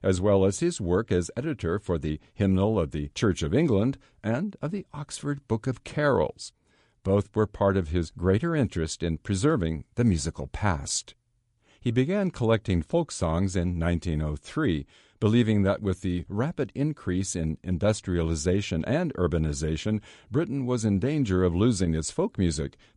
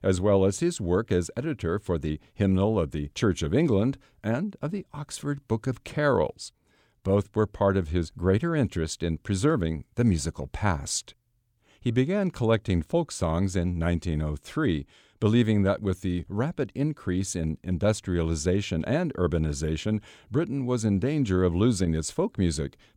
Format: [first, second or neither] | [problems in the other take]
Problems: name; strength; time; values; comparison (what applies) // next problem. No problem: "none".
second | garbled, watery; slightly; nothing above 9 kHz